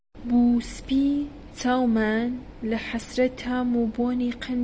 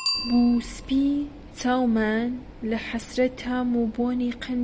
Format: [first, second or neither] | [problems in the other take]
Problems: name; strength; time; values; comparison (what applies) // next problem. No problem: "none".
first | background sound (Bicycle bell); 14 dB below the speech